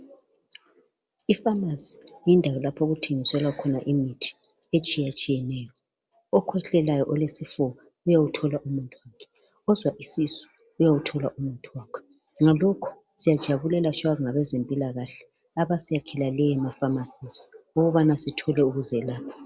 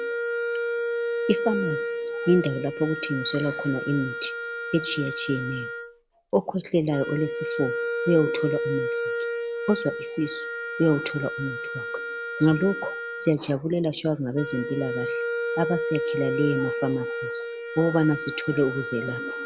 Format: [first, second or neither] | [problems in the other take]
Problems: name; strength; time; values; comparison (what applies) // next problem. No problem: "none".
first | background sound (Wind instrument, woodwind instrument); 3 dB below the speech